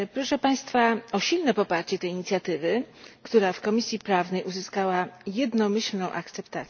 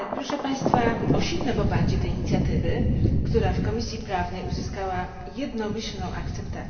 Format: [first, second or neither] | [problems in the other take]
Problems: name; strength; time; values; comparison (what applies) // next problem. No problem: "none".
first | background sound (Thunder); 4 dB above the speech // room echo; dies away in 2.3 s